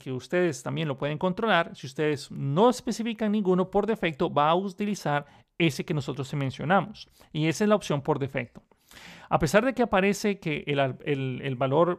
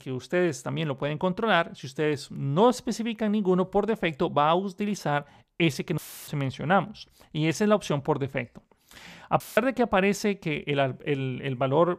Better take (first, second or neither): first